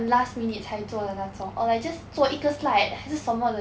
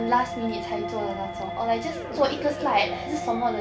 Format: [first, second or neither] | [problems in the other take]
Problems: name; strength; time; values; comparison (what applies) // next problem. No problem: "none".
first | background sound (Bowed string instrument + Musical instrument); 6 dB below the speech